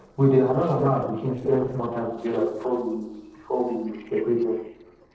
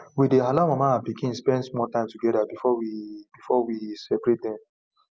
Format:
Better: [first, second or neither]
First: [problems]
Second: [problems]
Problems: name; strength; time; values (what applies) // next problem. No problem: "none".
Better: second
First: noise reduction (neural separator model SepFormer DNS4)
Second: none